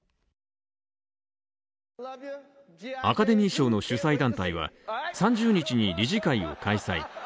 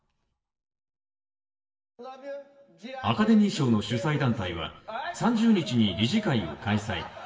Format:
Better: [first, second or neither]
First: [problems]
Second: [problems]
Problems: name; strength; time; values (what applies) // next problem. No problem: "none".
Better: first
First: none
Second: room echo; dies away in 0.6 s